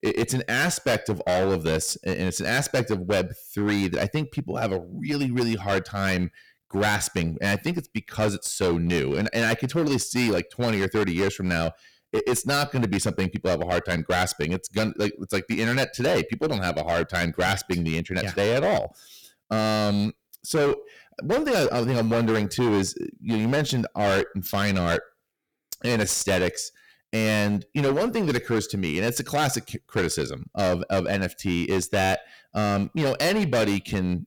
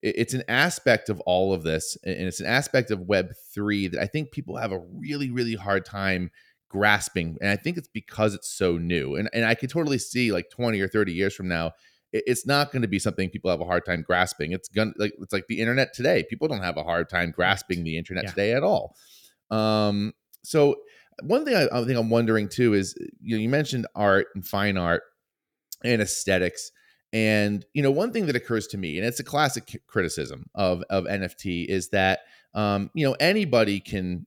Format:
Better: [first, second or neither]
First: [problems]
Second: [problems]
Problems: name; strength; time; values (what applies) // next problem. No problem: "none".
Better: second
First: distortion; heavy; 16% of the sound clipped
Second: none